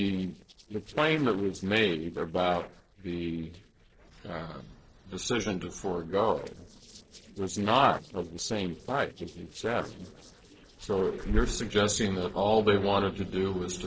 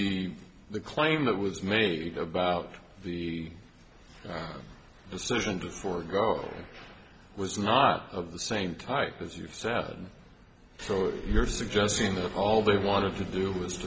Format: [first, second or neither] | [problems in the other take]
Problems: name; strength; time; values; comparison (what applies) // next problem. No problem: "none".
second | noise reduction (neural separator model SepFormer DNS4)